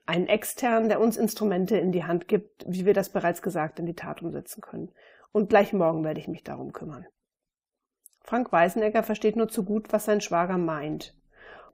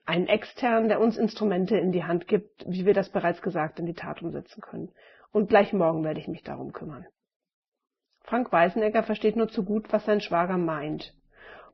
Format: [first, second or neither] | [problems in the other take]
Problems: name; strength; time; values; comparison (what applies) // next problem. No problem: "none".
first | garbled, watery; badly; nothing above 5.5 kHz